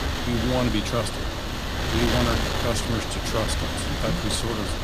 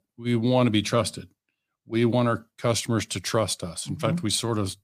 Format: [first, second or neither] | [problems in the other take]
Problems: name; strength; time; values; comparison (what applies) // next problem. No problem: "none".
second | wind noise on the microphone; heavy; 1 dB above the speech